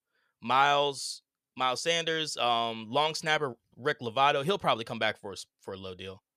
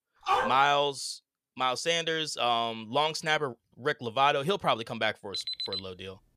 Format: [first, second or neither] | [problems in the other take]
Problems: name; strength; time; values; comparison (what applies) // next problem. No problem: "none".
first | dog barking; loud; at 0.5 s; peak level with the speech // alarm; noticeable; at 5.5 s; peak 4 dB below the speech